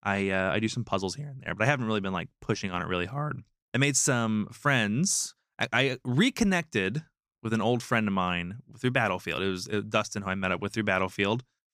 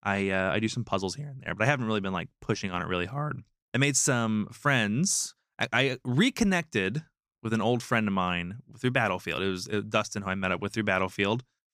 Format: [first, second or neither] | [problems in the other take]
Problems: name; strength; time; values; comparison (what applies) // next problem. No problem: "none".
neither | none